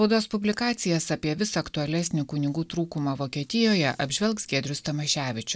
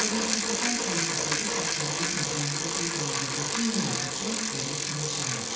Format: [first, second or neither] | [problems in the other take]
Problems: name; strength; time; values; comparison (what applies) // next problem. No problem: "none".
first | background sound (Bicycle); 5 dB above the speech // room echo; dies away in 0.6 s